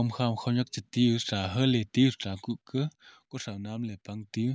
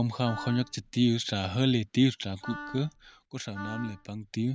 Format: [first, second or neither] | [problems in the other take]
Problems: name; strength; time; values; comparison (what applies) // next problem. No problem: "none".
first | background sound (Wind instrument, woodwind instrument); 15 dB below the speech